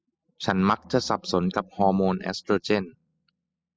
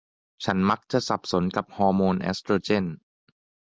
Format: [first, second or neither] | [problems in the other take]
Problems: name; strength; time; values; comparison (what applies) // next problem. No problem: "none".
second | noise reduction (classical method spectral subtraction)